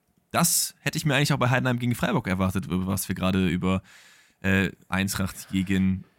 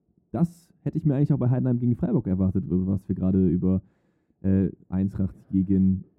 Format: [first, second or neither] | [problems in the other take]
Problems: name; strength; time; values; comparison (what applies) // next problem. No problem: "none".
first | muffled; very; fading above 1 kHz